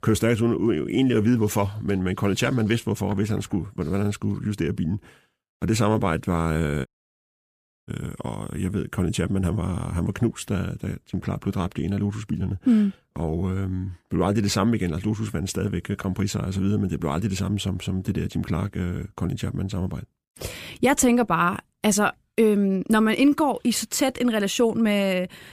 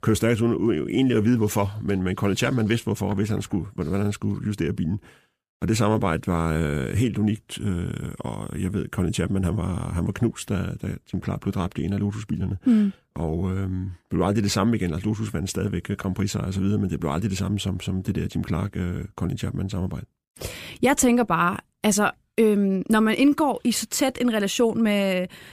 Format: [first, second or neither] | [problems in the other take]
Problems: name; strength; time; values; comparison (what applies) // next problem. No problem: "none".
second | audio cutting out; at 7 s for 1 s